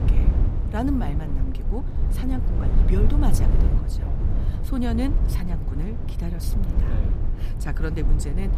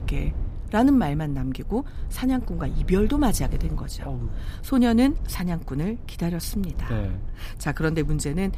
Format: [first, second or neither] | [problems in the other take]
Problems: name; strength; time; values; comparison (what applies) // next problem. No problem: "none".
second | low rumble; loud; throughout; 4 dB below the speech; faint in the second